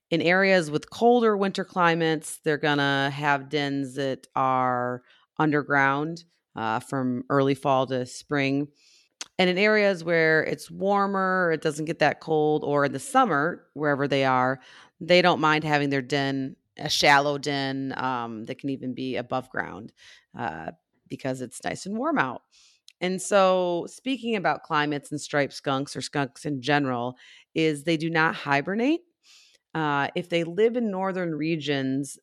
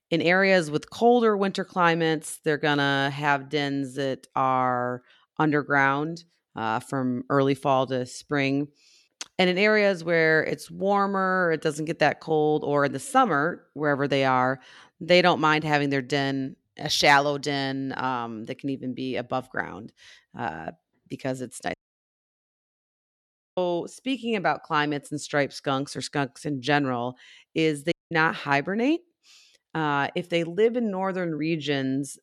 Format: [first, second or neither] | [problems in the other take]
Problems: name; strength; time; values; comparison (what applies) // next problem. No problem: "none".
first | audio cutting out; at 22 s for 2 s and at 28 s